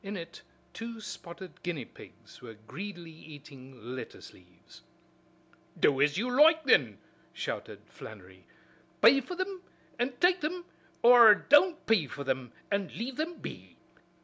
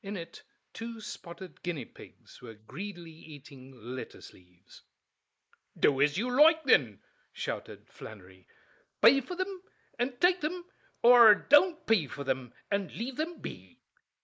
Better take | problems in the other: first | noise reduction (neural mask model Resemble Enhance denoiser)

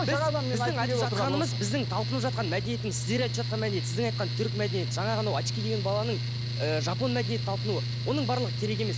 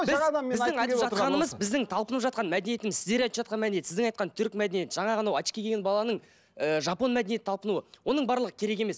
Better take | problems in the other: second | background sound (Mechanical fan); as loud as the speech

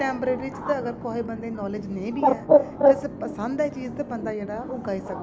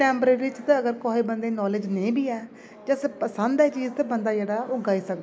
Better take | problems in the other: second | background sound (Bird); 4 dB above the speech

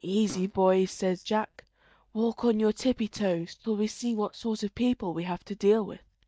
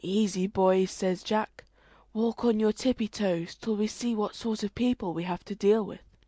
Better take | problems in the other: second | noise reduction (neural mask model DeepFilterNet 3)

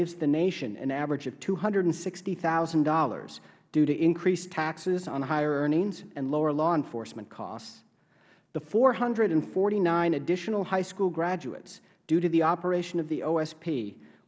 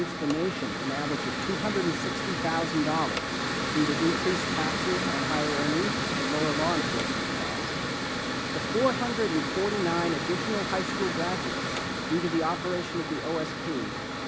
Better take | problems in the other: first | background sound (Mechanical fan); 1 dB above the speech

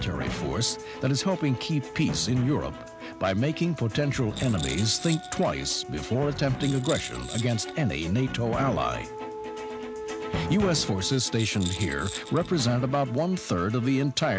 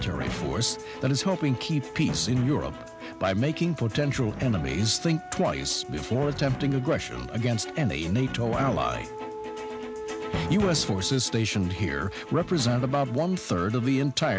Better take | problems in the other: second | background sound (Rattle); 15 dB below the speech

